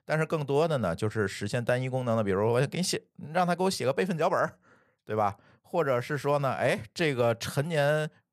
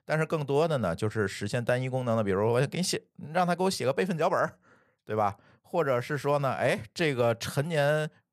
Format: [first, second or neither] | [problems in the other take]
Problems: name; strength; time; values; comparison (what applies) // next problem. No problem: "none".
neither | none